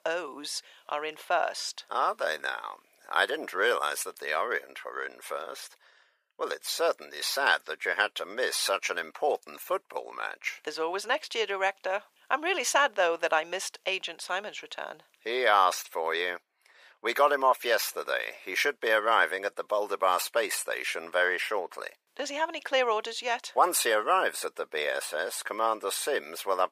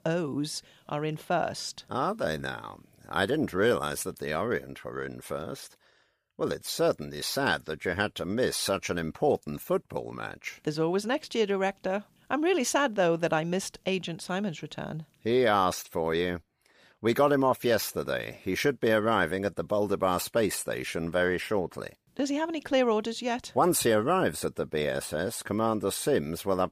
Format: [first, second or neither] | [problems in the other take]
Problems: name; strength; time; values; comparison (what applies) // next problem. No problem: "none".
second | thin; very; fading below 500 Hz